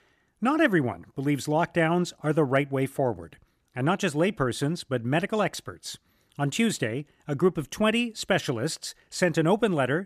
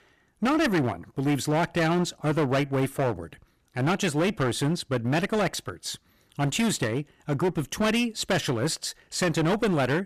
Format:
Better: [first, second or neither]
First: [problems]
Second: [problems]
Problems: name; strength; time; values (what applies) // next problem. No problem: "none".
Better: first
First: none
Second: distortion; heavy; 15% of the sound clipped